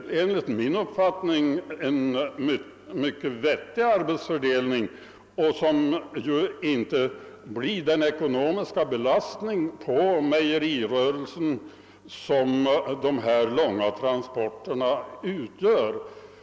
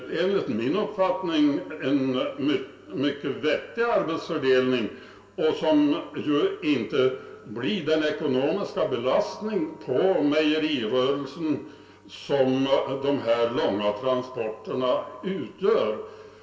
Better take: first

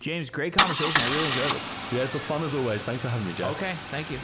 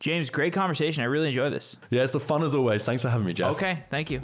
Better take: second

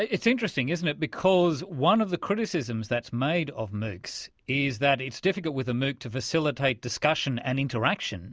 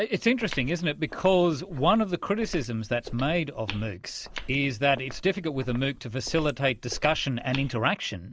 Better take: first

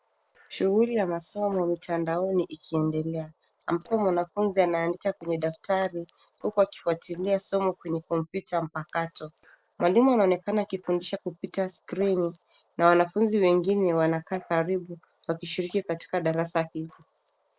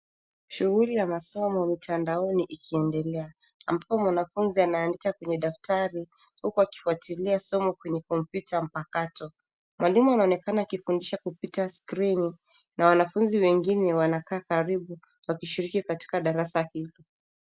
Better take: second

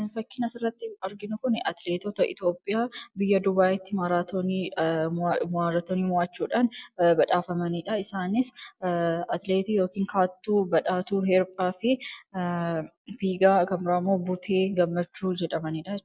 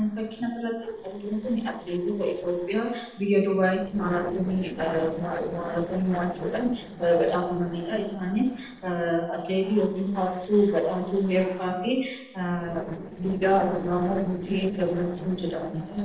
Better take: first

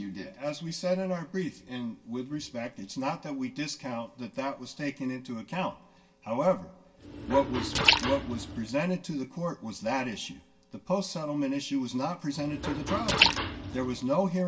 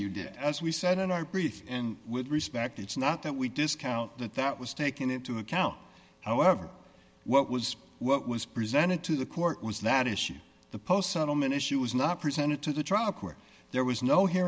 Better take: second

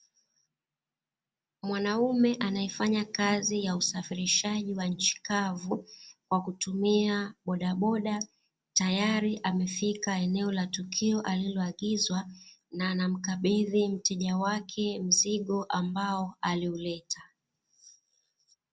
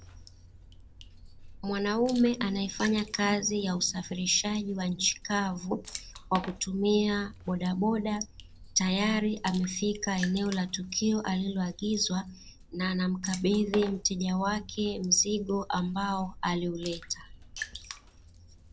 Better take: first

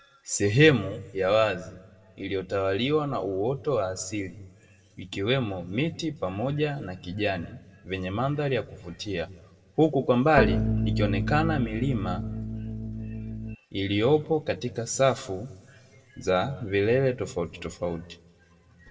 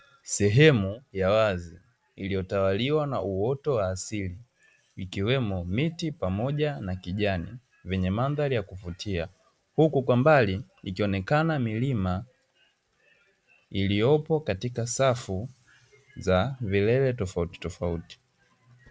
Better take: second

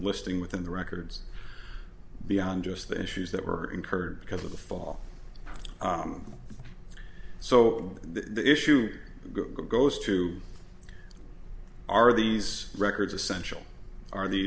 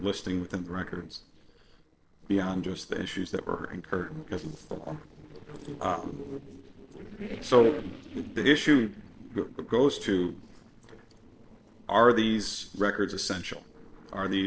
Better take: first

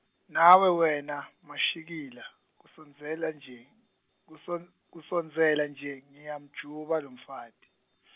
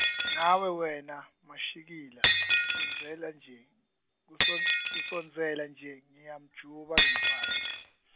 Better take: first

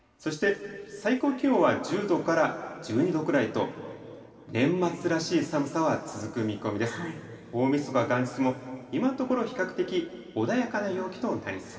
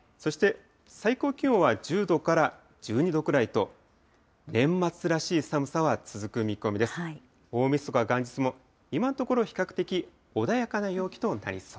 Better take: second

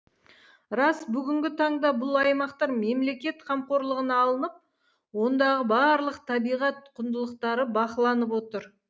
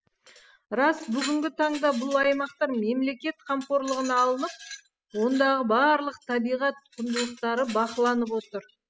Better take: first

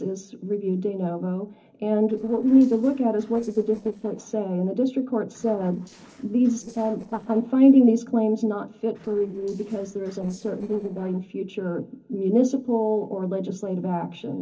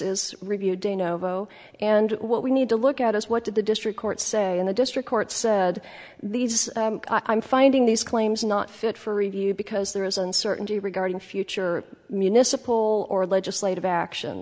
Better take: second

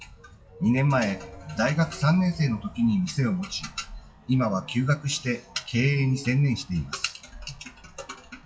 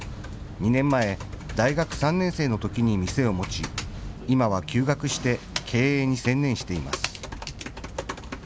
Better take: second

